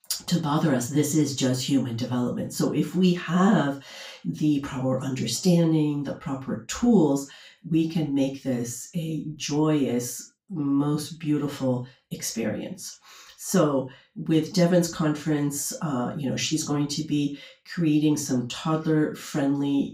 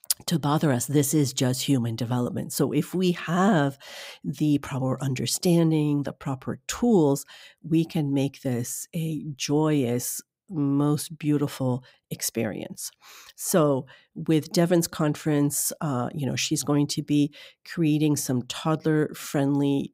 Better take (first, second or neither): second